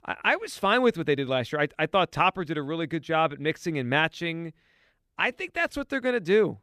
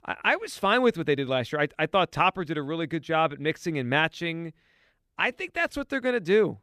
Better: neither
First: none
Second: none

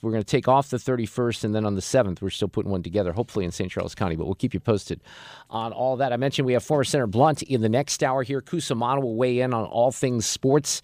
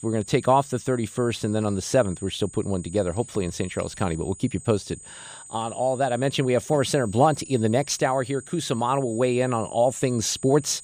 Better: first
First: none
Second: high-pitched whine; noticeable; throughout; 8 kHz, 15 dB below the speech

